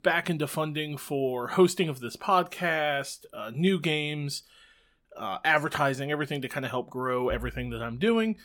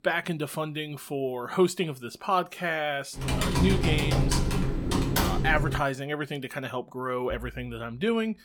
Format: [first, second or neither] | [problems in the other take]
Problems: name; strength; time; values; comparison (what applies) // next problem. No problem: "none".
first | keyboard typing; loud; from 3 to 6 s; peak 4 dB above the speech